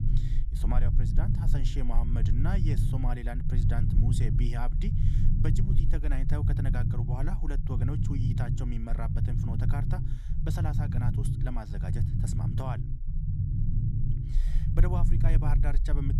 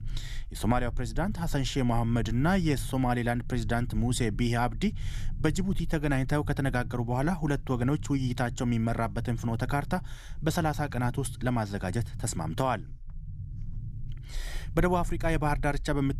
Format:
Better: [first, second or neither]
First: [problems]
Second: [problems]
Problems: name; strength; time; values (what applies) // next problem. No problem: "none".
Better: second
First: low rumble; loud; throughout; 1 dB below the speech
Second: low rumble; faint; throughout; 25 dB below the speech